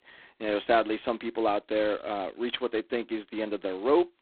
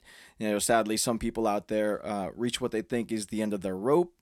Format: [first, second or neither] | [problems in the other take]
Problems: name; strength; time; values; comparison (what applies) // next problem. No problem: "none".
second | phone-call audio; poor line; nothing above 4 kHz